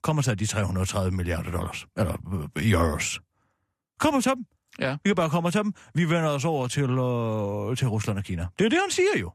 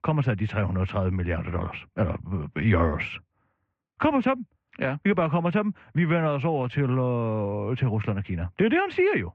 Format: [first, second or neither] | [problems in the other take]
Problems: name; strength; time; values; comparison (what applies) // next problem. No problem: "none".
first | muffled; very; fading above 2.5 kHz